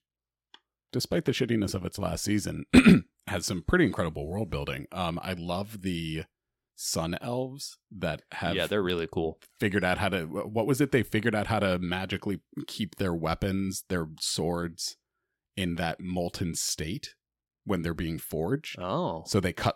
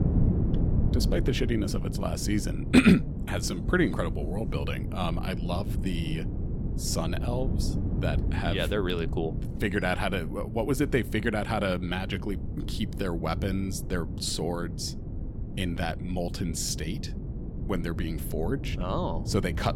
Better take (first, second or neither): first